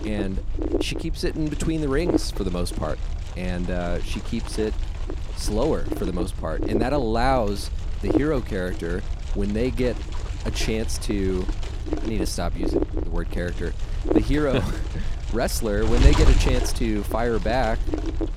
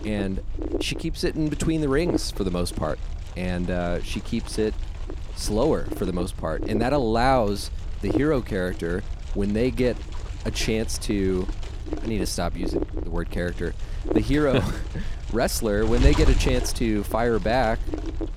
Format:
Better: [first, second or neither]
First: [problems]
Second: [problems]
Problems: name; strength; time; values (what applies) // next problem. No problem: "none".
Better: second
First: wind noise on the microphone; heavy; 6 dB below the speech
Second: wind noise on the microphone; occasional gusts; 10 dB below the speech